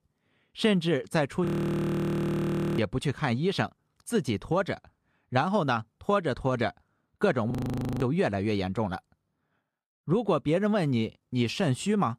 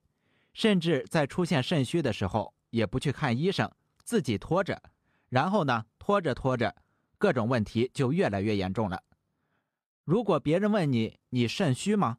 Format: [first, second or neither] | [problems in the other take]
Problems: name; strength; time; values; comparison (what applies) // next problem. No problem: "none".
second | audio freezing; at 1.5 s for 1.5 s and at 7.5 s for 0.5 s